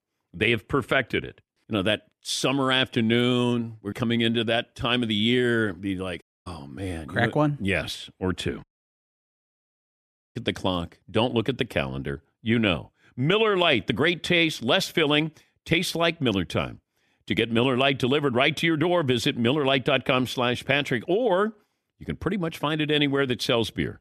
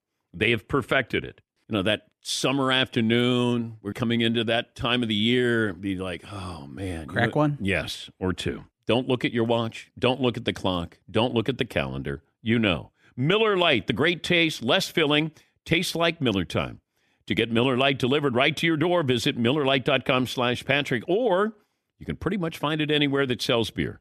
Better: second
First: audio cutting out; at 6 s and at 8.5 s for 1.5 s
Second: none

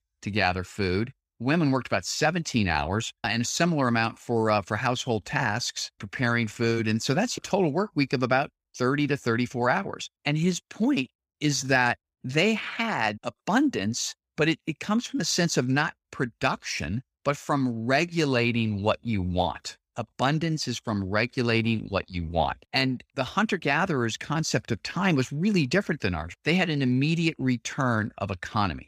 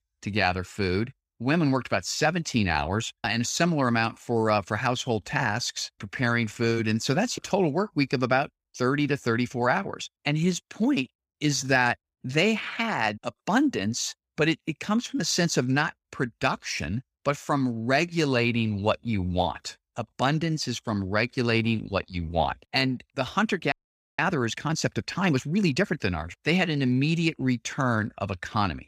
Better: first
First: none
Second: audio freezing; at 24 s

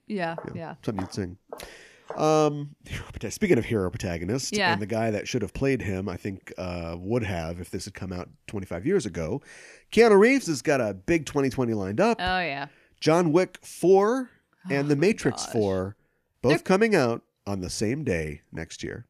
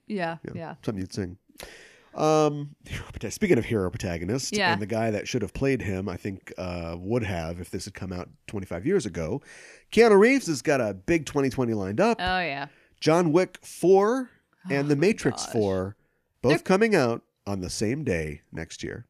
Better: second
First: footsteps; faint; until 2 s; peak 15 dB below the speech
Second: none

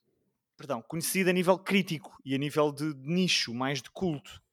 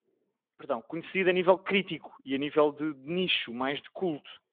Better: first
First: none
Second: phone-call audio; nothing above 3.5 kHz

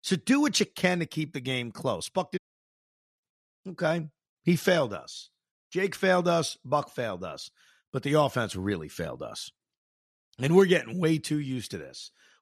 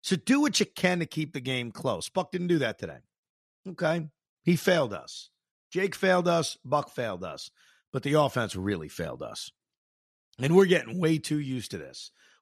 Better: second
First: audio cutting out; at 2.5 s for 1 s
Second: none

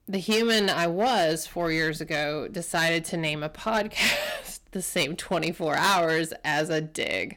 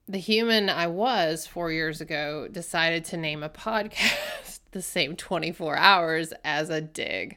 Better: second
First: distortion; heavy; 6% of the sound clipped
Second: none

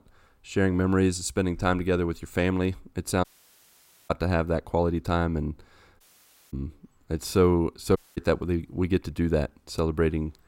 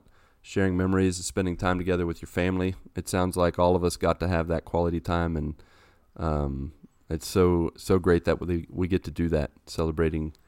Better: second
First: audio cutting out; at 3 s for 1 s, at 6 s for 0.5 s and at 8 s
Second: none

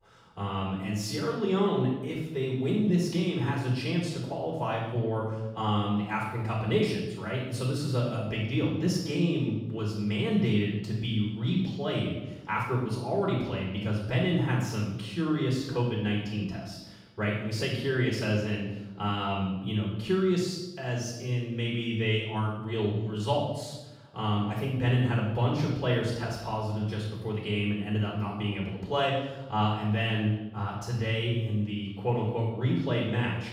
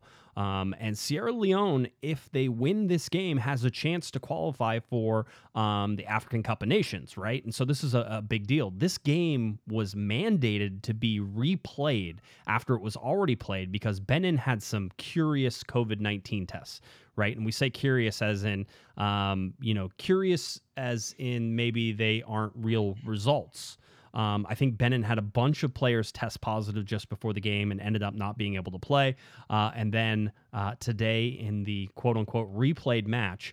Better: second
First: off-mic speech; far // room echo; noticeable; dies away in 0.9 s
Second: none

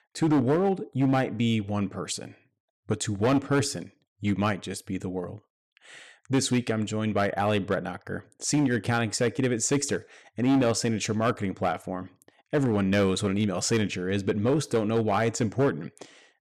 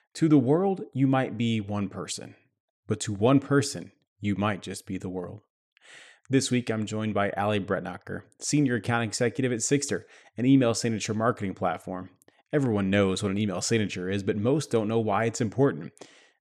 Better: second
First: distortion; slight; 5% of the sound clipped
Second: none

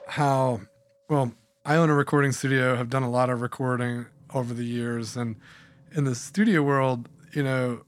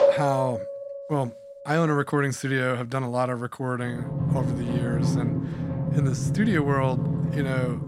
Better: first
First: background music; faint; throughout; 30 dB below the speech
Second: background music; loud; throughout; as loud as the speech

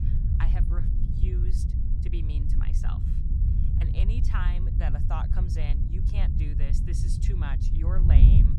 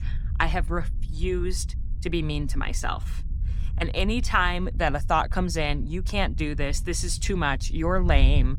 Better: second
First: wind noise on the microphone; heavy; 1 dB below the speech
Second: wind noise on the microphone; occasional gusts; 20 dB below the speech

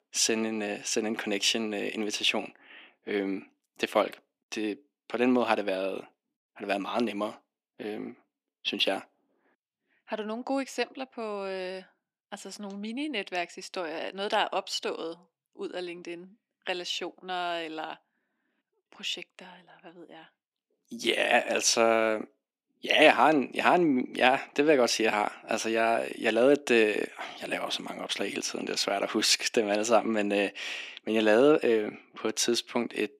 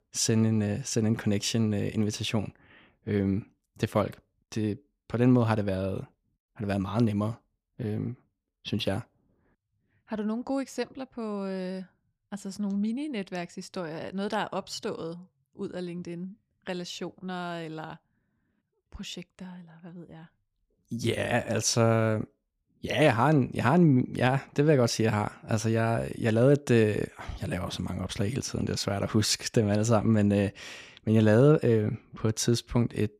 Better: second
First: thin; somewhat; fading below 300 Hz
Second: none

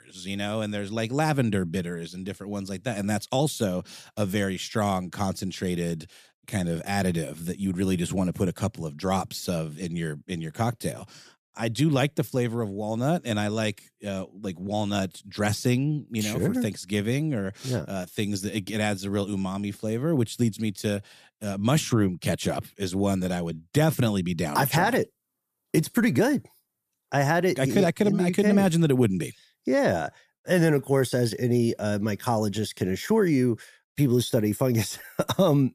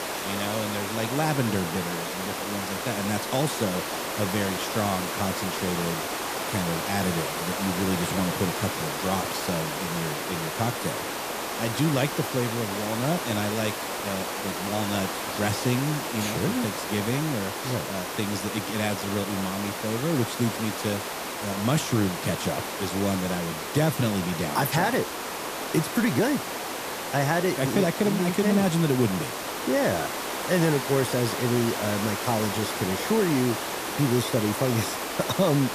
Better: first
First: none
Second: hiss; loud; throughout; 3 dB below the speech

